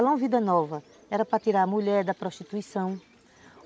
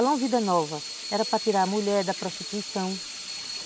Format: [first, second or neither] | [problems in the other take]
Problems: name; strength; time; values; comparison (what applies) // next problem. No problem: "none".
first | background sound (Sink (filling or washing) / Water tap, faucet); 9 dB below the speech